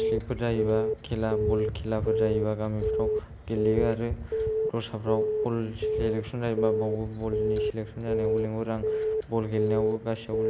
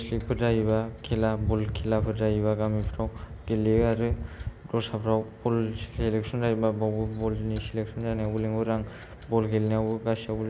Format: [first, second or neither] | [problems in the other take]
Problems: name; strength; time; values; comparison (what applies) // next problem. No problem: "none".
second | background sound (Alarm / Keyboard (musical)); as loud as the speech